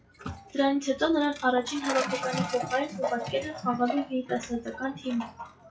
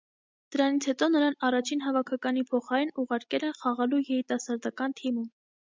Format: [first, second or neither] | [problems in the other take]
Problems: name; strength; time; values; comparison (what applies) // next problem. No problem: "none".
second | noise reduction (classical method WPE with log-MMSE)